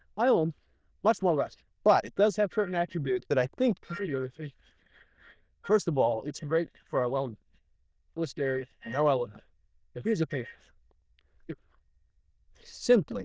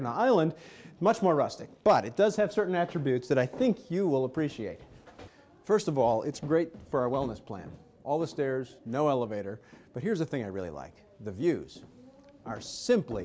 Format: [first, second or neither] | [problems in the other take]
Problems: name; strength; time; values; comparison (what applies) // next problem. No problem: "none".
second | noise reduction (neural diffusion model UNIVERSE++)